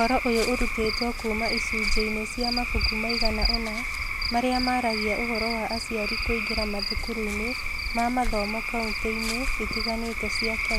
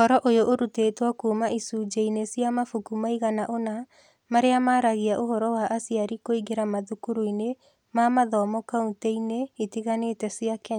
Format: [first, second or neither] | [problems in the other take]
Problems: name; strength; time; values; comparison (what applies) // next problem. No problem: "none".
second | background sound (Cricket / Frog); 1 dB above the speech